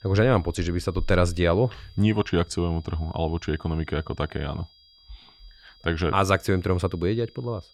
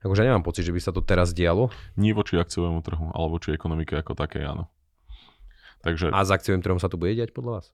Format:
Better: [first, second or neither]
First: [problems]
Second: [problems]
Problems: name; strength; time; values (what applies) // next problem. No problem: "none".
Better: second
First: high-pitched whine; faint; throughout; 5 kHz, 30 dB below the speech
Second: none